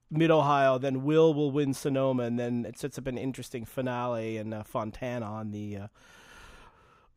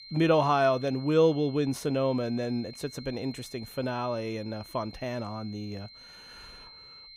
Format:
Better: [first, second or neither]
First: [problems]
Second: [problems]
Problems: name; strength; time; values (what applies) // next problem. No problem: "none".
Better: first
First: none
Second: high-pitched whine; noticeable; throughout; 4 kHz, 20 dB below the speech